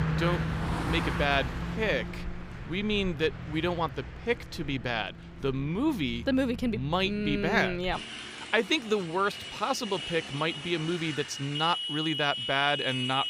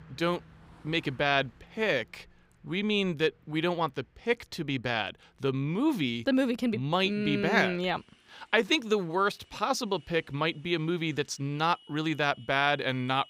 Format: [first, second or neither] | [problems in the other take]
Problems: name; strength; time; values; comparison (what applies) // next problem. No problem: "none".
second | traffic noise; loud; throughout; 6 dB below the speech; faint in the second